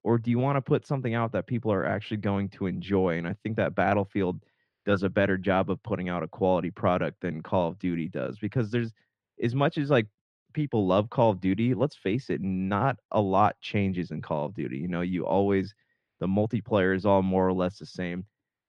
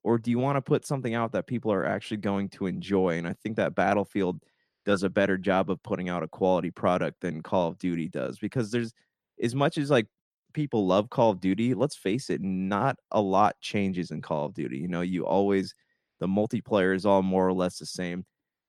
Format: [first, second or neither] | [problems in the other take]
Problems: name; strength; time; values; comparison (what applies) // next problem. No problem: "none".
second | muffled; slightly; fading above 3 kHz